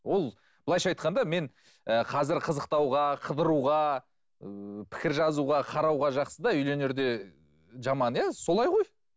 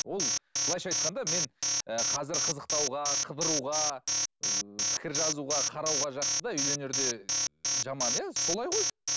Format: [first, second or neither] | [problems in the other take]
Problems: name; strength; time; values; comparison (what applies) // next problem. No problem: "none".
first | background sound (Alarm); 5 dB above the speech